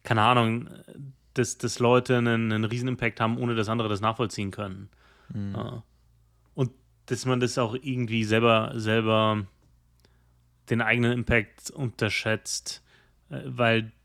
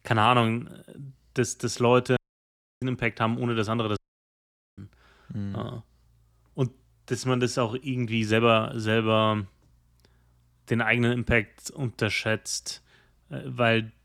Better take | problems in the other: first | audio cutting out; at 2 s for 0.5 s and at 4 s for 1 s

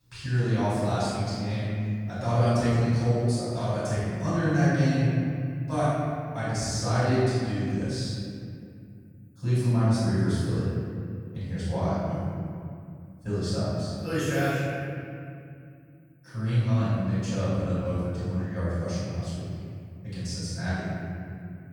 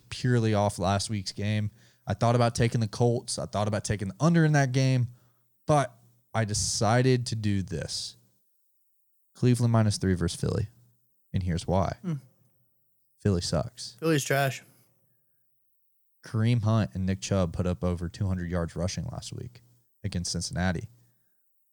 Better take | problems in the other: second | room echo; strong; dies away in 2.5 s // off-mic speech; far

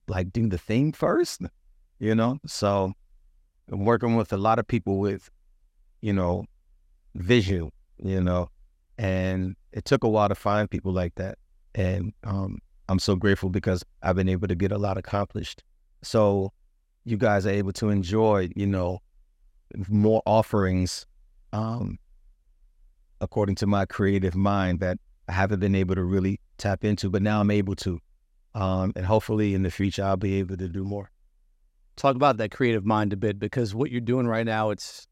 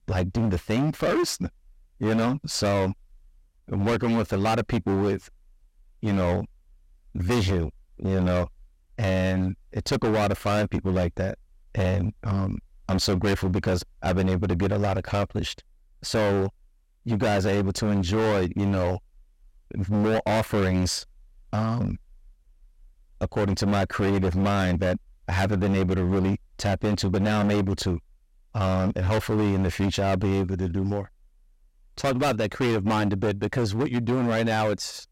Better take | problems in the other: first | distortion; heavy; 19% of the sound clipped

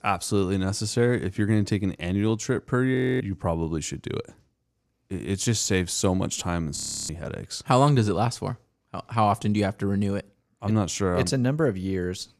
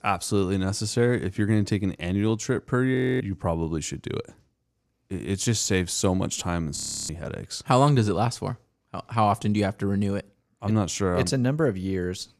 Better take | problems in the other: neither | audio freezing; at 3 s and at 7 s; the same in both

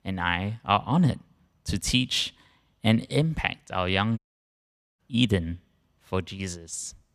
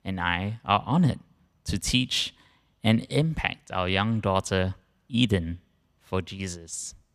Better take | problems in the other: second | audio cutting out; at 4 s for 1 s

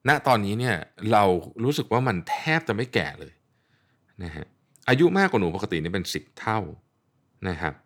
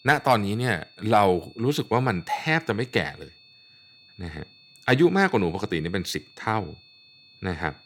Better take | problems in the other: first | high-pitched whine; faint; throughout; 4.5 kHz, 25 dB below the speech

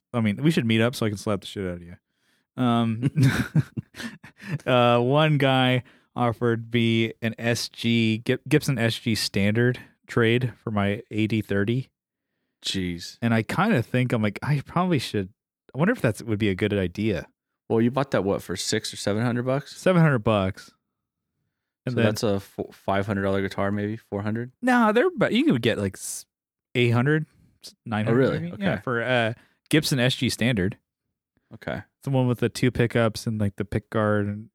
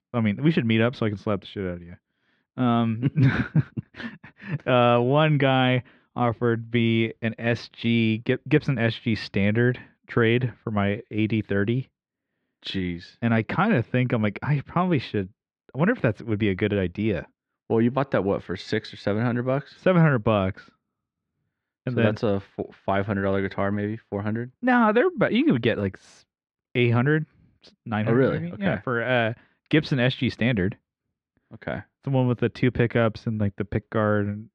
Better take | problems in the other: first | muffled; slightly; fading above 3 kHz

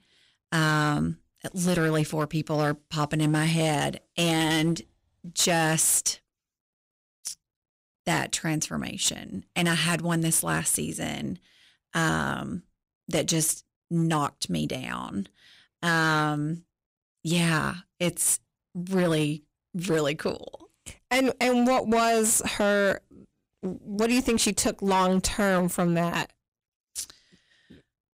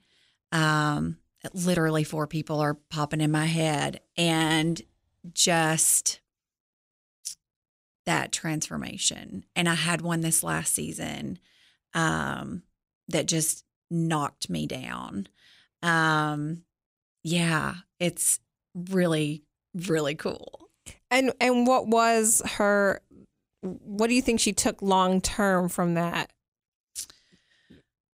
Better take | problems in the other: second | distortion; slight; 7% of the sound clipped

